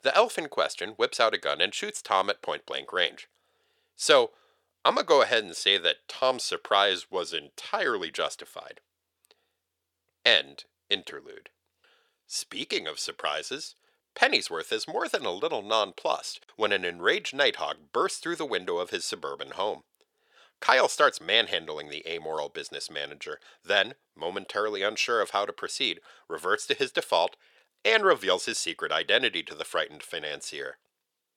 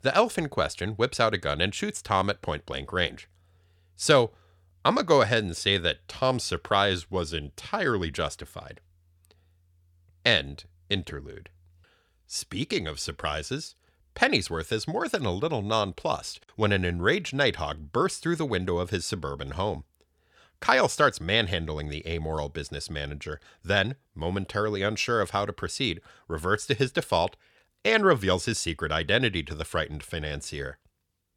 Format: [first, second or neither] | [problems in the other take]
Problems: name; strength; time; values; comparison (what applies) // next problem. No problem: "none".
second | thin; somewhat; fading below 500 Hz